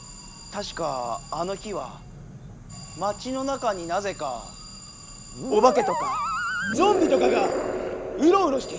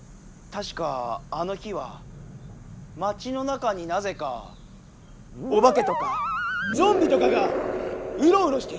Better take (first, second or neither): second